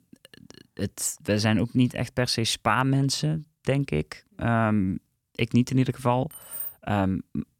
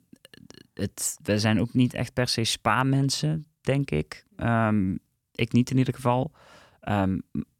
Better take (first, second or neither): second